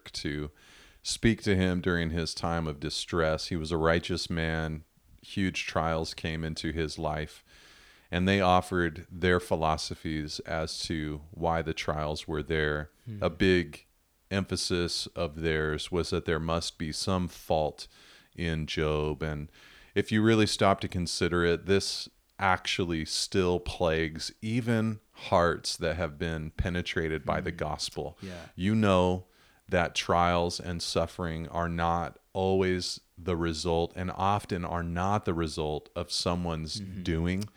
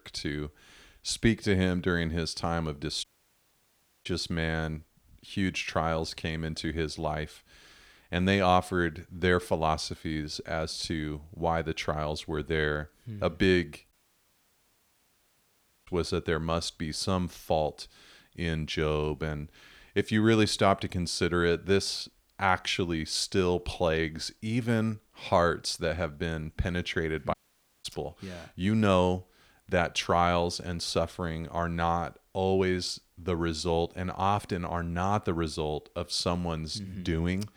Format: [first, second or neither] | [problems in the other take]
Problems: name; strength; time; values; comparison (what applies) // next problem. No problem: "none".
first | audio cutting out; at 3 s for 1 s, at 14 s for 2 s and at 27 s for 0.5 s